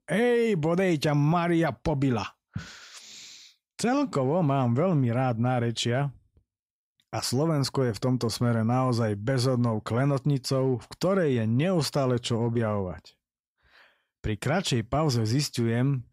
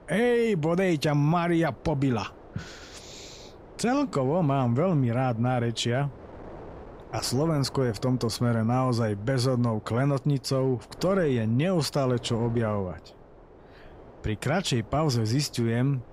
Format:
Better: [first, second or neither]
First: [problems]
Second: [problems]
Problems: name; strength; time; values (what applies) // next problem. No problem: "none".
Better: first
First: none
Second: wind noise on the microphone; occasional gusts; 20 dB below the speech